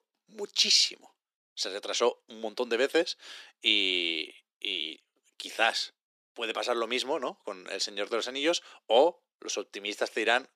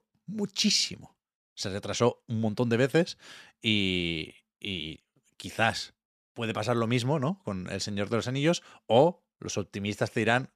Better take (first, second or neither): second